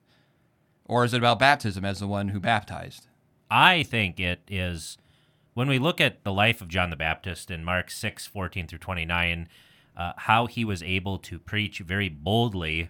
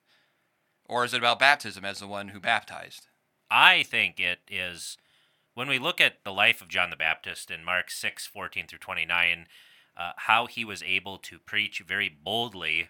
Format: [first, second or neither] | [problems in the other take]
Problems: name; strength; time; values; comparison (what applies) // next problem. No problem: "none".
first | thin; somewhat; fading below 950 Hz